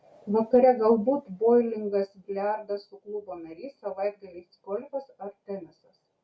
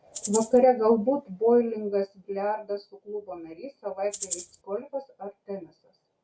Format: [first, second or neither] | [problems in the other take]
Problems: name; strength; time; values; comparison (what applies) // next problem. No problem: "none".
first | background sound (Rattle (instrument)); 8 dB below the speech